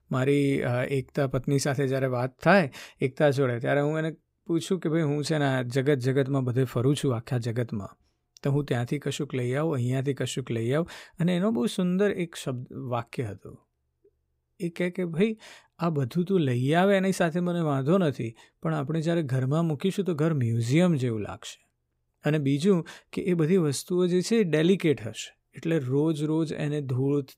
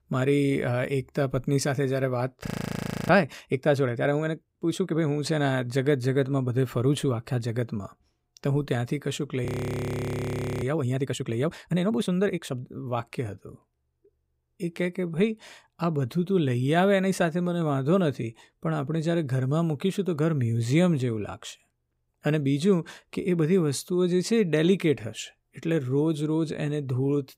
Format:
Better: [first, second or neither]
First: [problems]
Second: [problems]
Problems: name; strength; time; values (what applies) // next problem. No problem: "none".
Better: first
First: none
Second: audio freezing; at 2.5 s for 0.5 s and at 9.5 s for 1 s